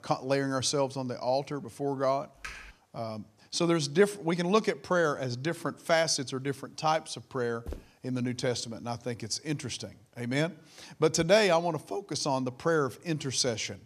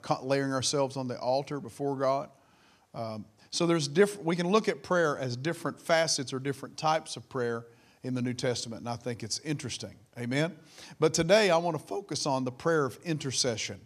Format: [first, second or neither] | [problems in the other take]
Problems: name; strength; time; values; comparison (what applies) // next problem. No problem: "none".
second | keyboard typing; faint; at 2.5 s; peak 15 dB below the speech // footsteps; faint; at 7.5 s; peak 15 dB below the speech